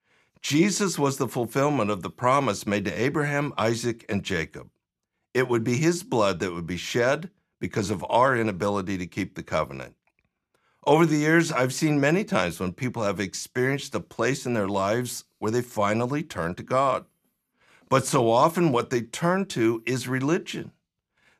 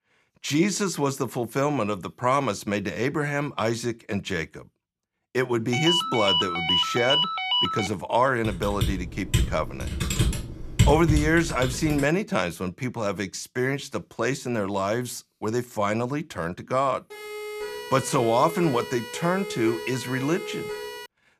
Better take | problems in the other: first | phone ringing; loud; from 5.5 to 8 s; peak 4 dB above the speech // keyboard typing; loud; from 8.5 to 12 s; peak 4 dB above the speech // siren; noticeable; from 17 s on; peak 7 dB below the speech

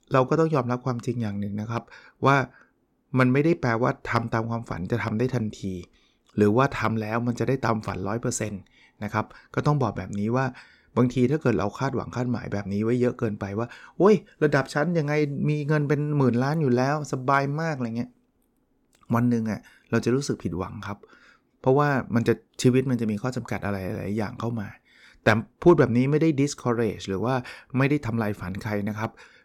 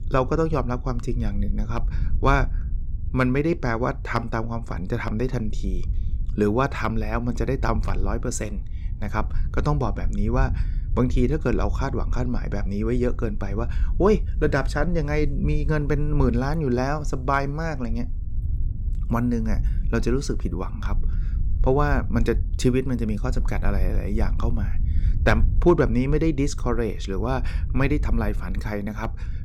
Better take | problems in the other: first | low rumble; faint; throughout; 20 dB below the speech

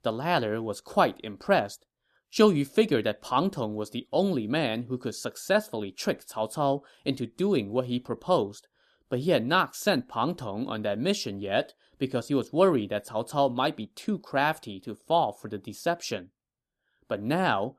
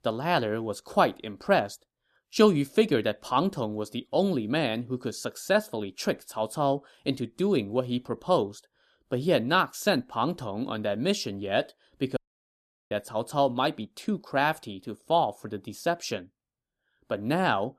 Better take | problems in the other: first | audio cutting out; at 12 s for 0.5 s

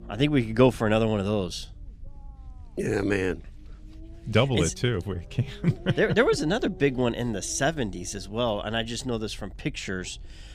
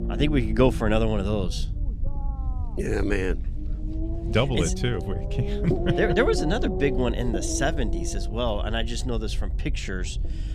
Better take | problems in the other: first | low rumble; loud; throughout; 8 dB below the speech; faint in the first

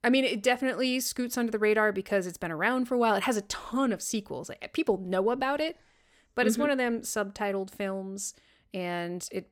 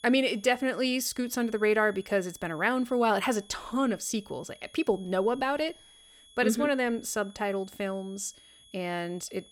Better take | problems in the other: first | high-pitched whine; faint; throughout; 3.5 kHz, 25 dB below the speech

